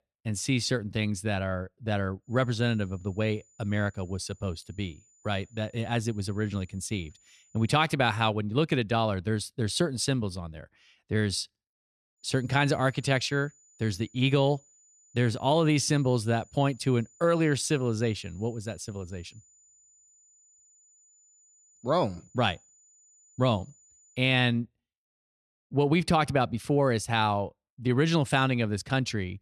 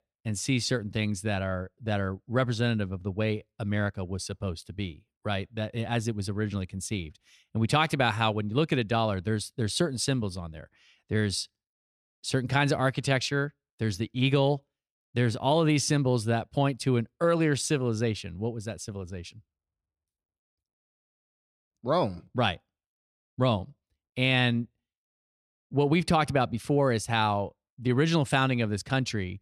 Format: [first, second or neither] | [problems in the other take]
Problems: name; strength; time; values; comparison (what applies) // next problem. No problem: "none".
second | high-pitched whine; faint; from 2.5 to 7.5 s and from 12 to 24 s; 7 kHz, 30 dB below the speech